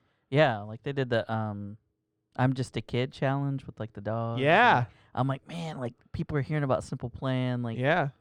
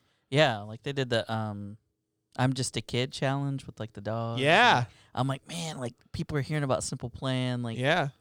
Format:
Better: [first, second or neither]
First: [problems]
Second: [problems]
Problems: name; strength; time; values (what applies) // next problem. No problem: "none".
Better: second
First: muffled; slightly; fading above 3.5 kHz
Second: none